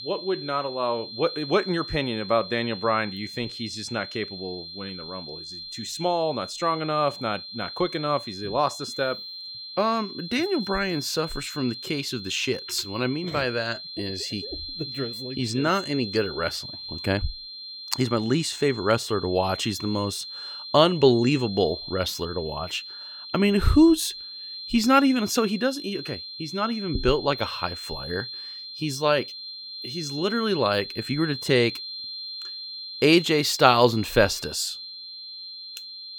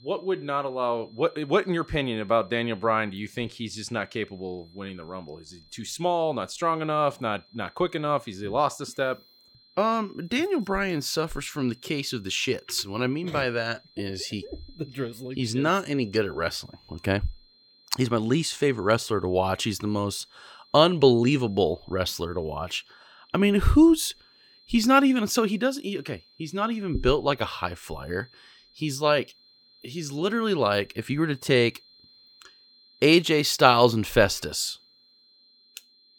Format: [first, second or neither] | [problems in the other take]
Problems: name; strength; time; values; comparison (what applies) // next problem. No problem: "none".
second | high-pitched whine; loud; throughout; 4 kHz, 10 dB below the speech; faint in the second